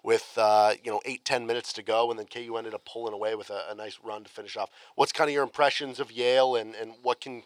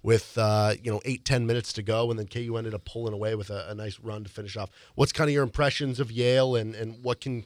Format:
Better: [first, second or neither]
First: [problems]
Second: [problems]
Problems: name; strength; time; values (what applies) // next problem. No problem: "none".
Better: second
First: thin; very; fading below 400 Hz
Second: none